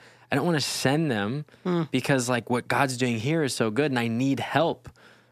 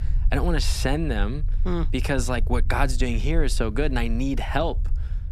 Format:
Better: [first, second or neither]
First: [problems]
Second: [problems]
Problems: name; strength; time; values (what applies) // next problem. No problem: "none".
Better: first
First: none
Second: low rumble; faint; throughout; 20 dB below the speech